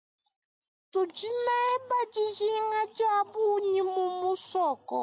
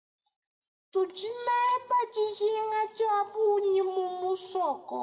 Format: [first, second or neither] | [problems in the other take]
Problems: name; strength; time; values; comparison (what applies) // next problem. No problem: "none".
first | room echo; dies away in 1.5 s